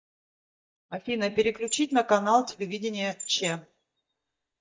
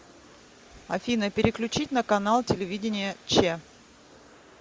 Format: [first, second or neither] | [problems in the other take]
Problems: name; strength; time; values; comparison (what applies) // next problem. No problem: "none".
second | noise reduction (neural mask model DeepFilterNet 3)